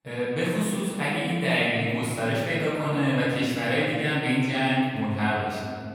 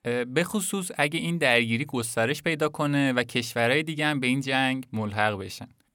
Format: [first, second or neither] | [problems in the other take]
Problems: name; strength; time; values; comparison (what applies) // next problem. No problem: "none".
second | off-mic speech; far // room echo; strong; dies away in 1.9 s